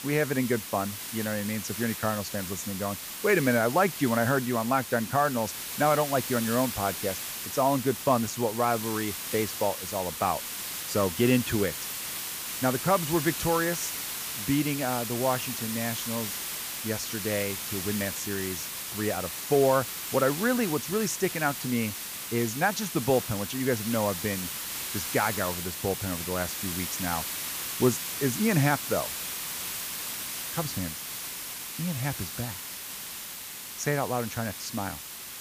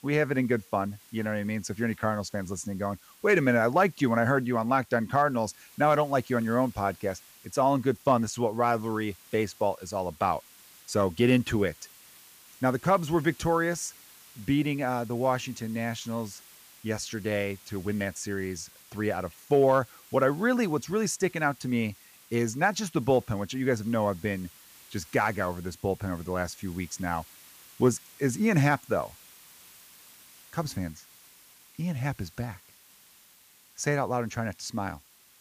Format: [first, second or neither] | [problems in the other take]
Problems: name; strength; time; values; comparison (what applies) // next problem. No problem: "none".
second | hiss; loud; throughout; 4 dB below the speech; faint in the second